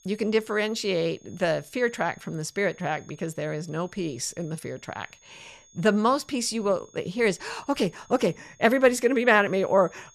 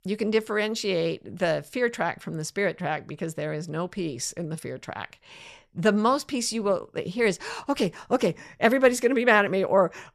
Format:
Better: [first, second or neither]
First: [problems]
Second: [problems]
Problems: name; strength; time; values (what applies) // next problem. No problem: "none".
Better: second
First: high-pitched whine; faint; throughout; 6.5 kHz, 30 dB below the speech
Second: none